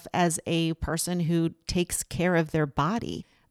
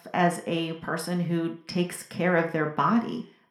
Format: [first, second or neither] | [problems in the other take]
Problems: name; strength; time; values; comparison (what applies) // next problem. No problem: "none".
first | room echo; very slight; dies away in 0.5 s